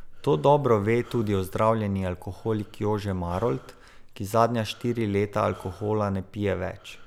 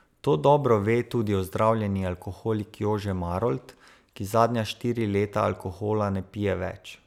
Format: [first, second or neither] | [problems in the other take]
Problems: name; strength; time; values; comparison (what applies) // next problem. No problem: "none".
second | background sound (Breathing); 20 dB below the speech